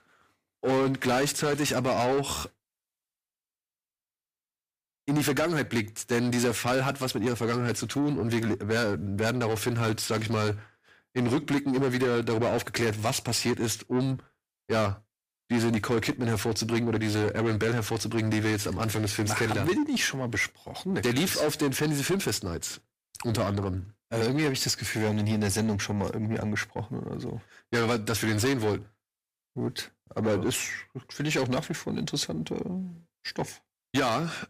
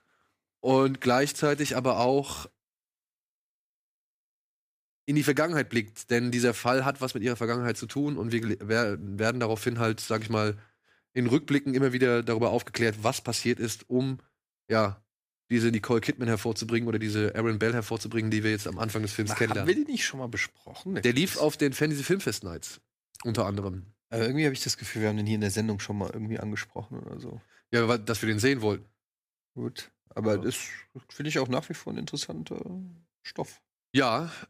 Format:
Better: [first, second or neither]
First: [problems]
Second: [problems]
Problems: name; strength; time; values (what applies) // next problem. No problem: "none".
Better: second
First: distortion; heavy; 7 dB below the speech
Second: none